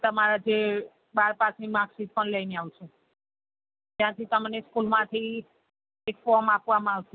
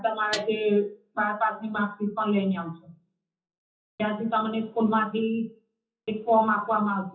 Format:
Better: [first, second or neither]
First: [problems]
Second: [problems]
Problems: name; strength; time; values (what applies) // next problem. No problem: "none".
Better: first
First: none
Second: noise reduction (classical method WPE with log-MMSE)